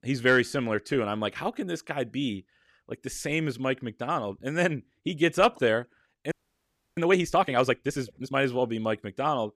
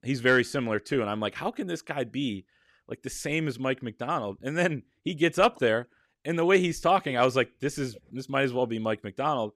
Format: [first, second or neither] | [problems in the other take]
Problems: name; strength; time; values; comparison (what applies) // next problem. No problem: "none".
second | audio freezing; at 6.5 s for 0.5 s